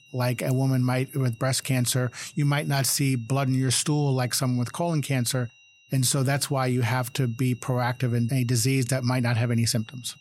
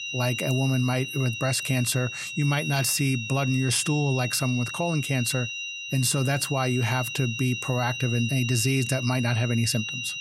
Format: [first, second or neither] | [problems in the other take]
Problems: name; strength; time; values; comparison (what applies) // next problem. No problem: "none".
first | high-pitched whine; loud; throughout; 3 kHz, 6 dB below the speech; faint in the first